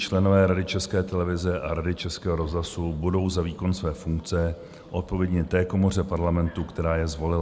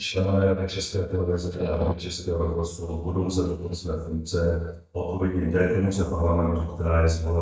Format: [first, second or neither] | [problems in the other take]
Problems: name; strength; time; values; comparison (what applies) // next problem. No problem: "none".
first | noise reduction (neural mask model DeepFilterNet 3)